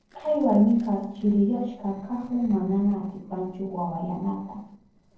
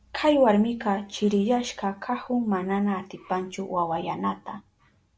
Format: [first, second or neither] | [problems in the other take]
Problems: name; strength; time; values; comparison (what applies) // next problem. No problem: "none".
second | noise reduction (neural separator model SepFormer DNS4)